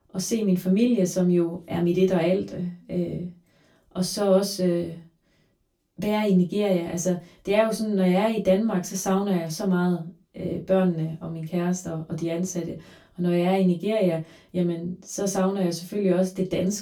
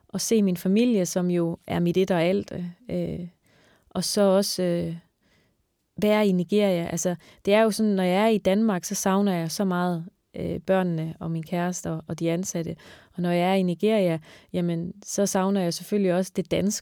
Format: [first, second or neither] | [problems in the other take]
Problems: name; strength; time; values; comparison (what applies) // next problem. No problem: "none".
second | off-mic speech; far // room echo; very slight; dies away in 0.2 s